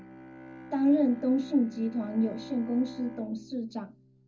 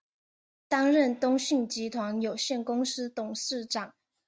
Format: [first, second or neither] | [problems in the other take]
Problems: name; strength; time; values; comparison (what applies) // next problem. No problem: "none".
second | background sound (Bowed string instrument); 16 dB below the speech // room echo; dies away in 0.4 s